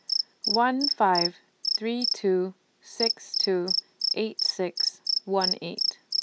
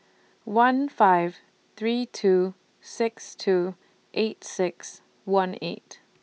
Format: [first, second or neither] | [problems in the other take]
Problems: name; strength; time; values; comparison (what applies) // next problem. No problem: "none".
second | noise reduction (neural mask model Resemble Enhance denoiser)